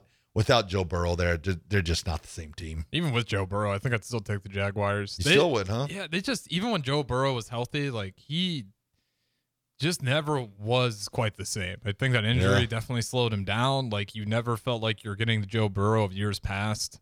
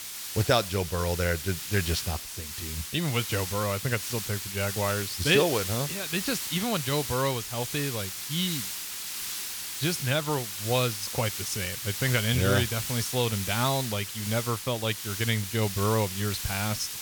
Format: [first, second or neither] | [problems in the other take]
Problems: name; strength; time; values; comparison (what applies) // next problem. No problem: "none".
first | hiss; loud; throughout; 4 dB below the speech